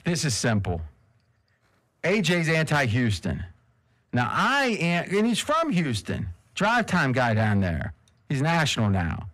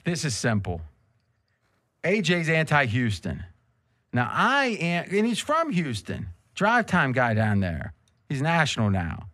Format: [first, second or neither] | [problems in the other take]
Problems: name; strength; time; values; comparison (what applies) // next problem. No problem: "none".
second | distortion; slight; 10 dB below the speech